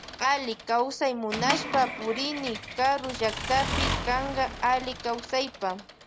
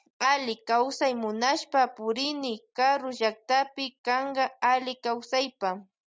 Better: second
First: background sound (Accelerating, revving, vroom / Mechanisms); 7 dB below the speech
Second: none

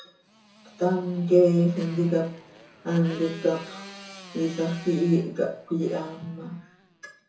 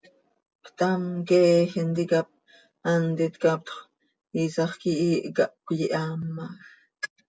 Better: second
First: background sound (Motorcycle); 20 dB below the speech // room echo; dies away in 0.6 s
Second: none

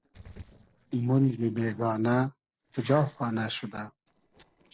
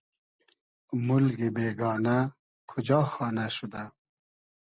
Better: second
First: noise reduction (neural separator model SepFormer DNS4)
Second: none

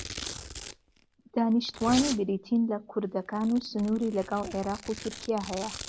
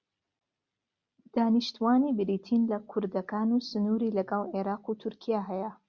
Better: second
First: background sound (Domestic sounds, home sounds); 12 dB below the speech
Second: none

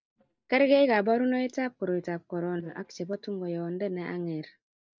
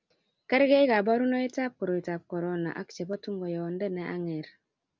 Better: second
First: noise reduction (neural mask model DeepFilterNet 3)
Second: none

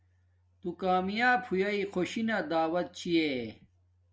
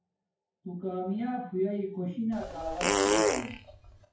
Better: first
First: none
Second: noise reduction (classical method WPE with log-MMSE)

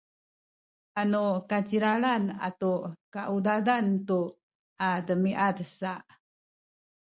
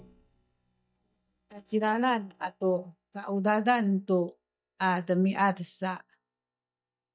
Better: first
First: none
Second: noise reduction (neural mask model DeepFilterNet 3)

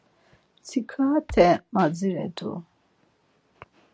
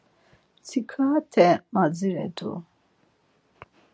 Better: second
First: background sound (Drum kit); 15 dB below the speech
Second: none

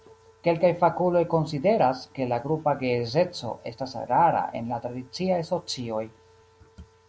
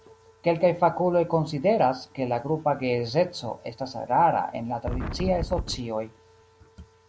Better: first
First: none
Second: background sound (Wind); 5 dB below the speech

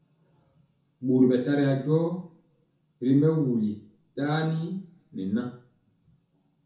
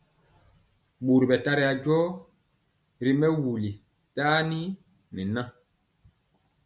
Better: second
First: room echo; dies away in 0.7 s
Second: none

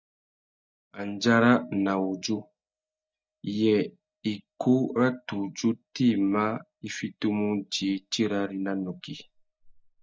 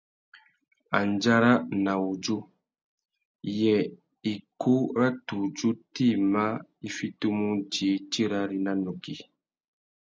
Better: second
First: noise reduction (neural mask model DeepFilterNet 3)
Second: none

